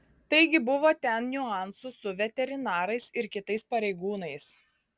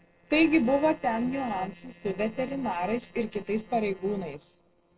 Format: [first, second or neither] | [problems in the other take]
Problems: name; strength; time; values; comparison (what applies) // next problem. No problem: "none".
first | noise reduction (neural separator model SepFormer DNS4)